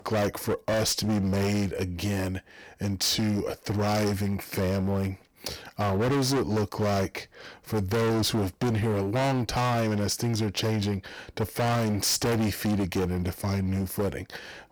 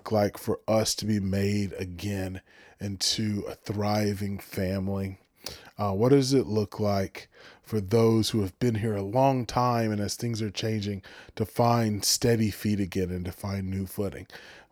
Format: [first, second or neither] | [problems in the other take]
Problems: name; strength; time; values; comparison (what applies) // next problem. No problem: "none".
second | distortion; heavy; 25% of the sound clipped